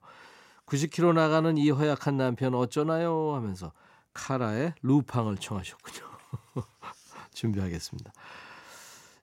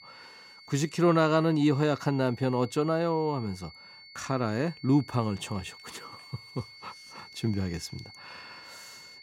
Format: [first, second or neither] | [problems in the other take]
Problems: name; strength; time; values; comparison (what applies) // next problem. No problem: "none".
first | high-pitched whine; noticeable; throughout; 4.5 kHz, 20 dB below the speech